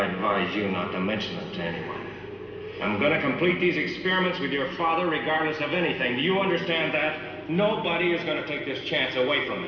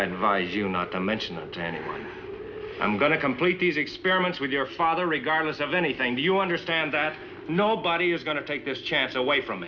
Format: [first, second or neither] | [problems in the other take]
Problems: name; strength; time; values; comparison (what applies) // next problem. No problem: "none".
second | room echo; dies away in 2.2 s